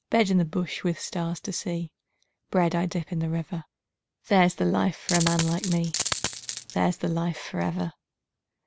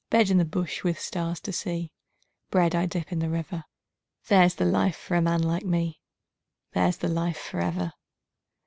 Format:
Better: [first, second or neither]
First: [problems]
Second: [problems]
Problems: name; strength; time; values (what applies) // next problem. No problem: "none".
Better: second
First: background sound (Coin (dropping)); 4 dB below the speech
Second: none